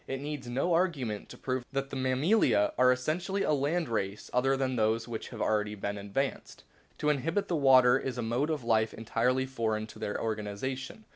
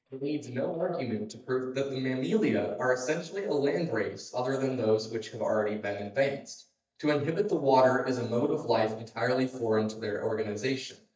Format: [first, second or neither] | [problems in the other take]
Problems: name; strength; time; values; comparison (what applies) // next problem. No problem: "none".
first | noise reduction (neural mask model DeepFilterNet 3)